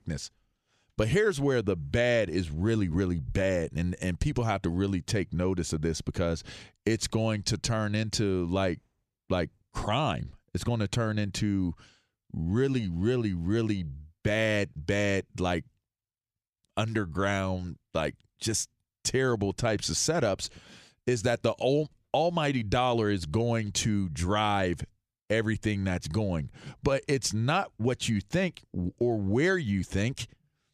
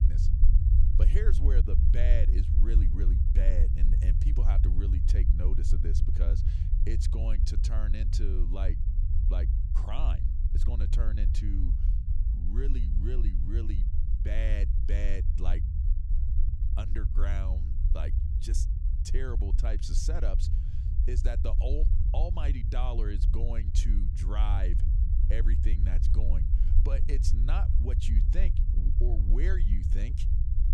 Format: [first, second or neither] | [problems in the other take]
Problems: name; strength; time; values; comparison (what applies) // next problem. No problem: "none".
first | low rumble; loud; throughout; 5 dB below the speech